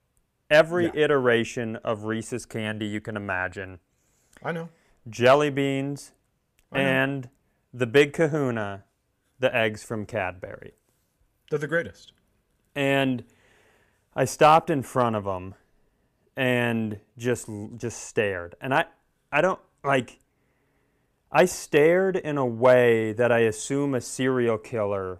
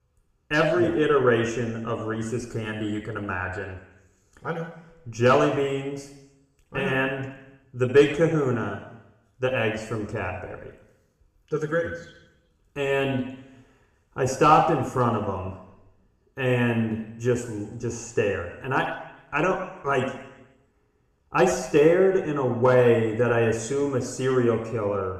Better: first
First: none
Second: room echo; noticeable; dies away in 0.9 s // off-mic speech; somewhat distant

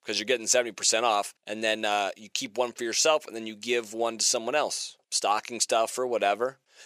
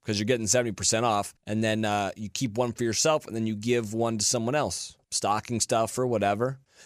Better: second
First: thin; somewhat; fading below 450 Hz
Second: none

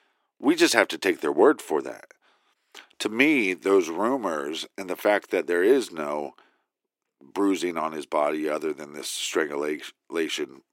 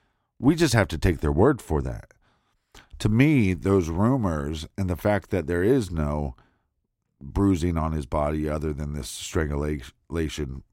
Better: second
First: thin; somewhat; fading below 350 Hz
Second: none

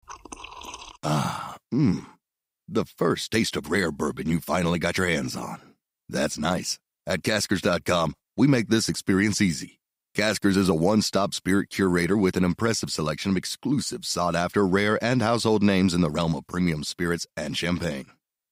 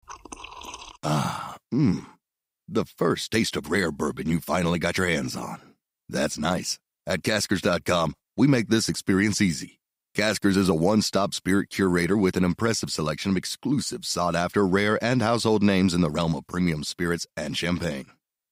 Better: neither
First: none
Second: none

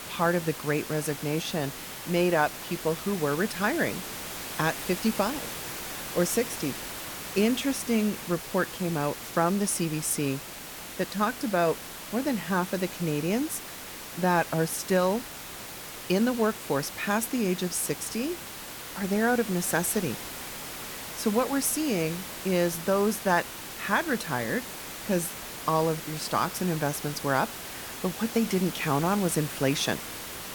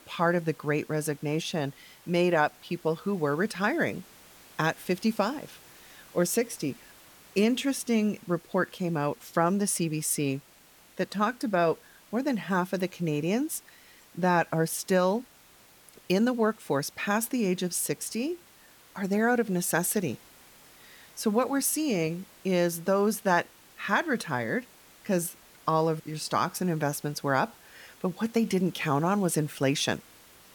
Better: second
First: hiss; loud; throughout; 9 dB below the speech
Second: hiss; faint; throughout; 25 dB below the speech

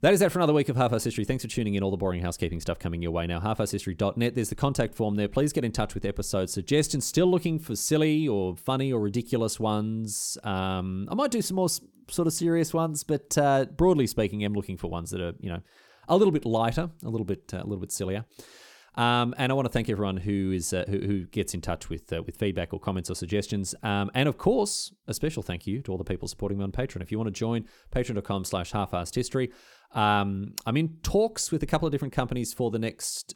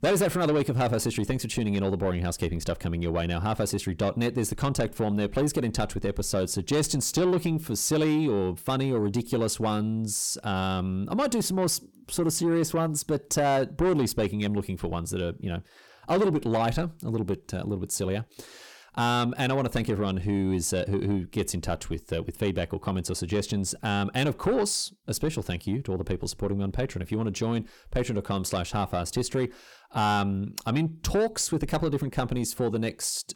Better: first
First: none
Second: distortion; slight; 10 dB below the speech

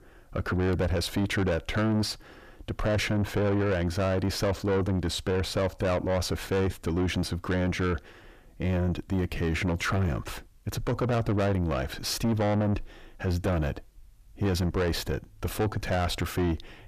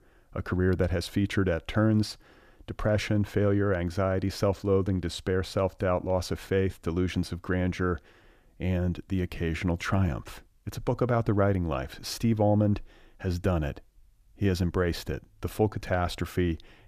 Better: second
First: distortion; heavy; 7 dB below the speech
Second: none

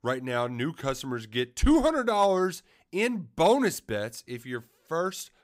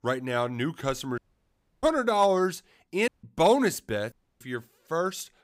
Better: first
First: none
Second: audio cutting out; at 1 s for 0.5 s, at 3 s and at 4 s

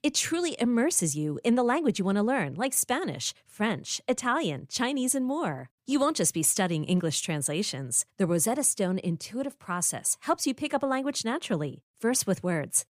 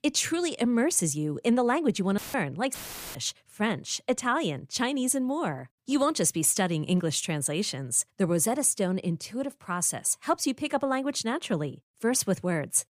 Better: first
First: none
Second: audio cutting out; filled with static; at 2 s and at 2.5 s

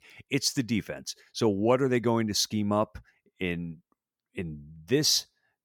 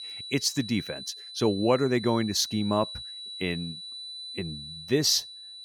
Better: first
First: none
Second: high-pitched whine; noticeable; throughout; 4 kHz, 10 dB below the speech

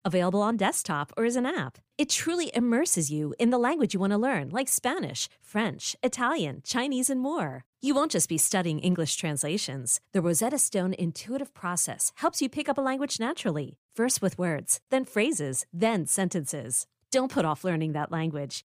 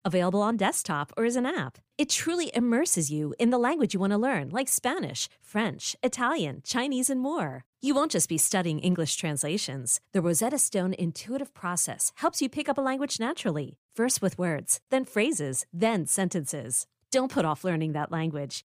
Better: neither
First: none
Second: none

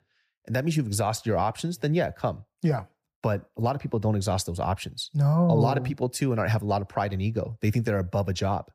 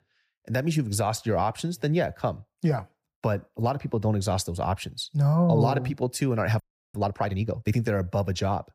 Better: first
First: none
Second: audio freezing; at 6.5 s

